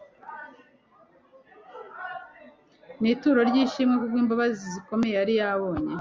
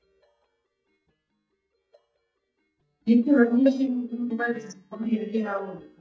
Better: first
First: none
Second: noise reduction (neural mask model DeepFilterNet 3)

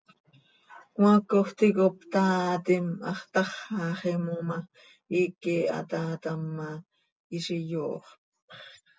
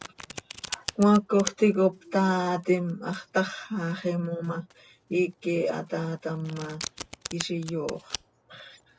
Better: first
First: none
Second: background sound (Domestic sounds, home sounds); 15 dB below the speech

